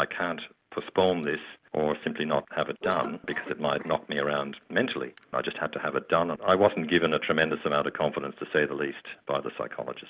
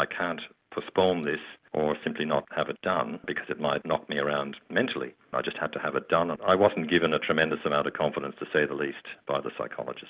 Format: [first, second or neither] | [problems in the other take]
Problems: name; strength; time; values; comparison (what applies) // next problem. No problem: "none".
second | background sound (Cough); 16 dB below the speech